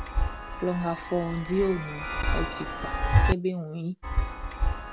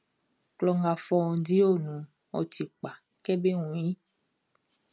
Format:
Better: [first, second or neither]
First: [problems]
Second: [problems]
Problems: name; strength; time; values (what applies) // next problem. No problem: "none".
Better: second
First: background sound (Chime); 3 dB above the speech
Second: none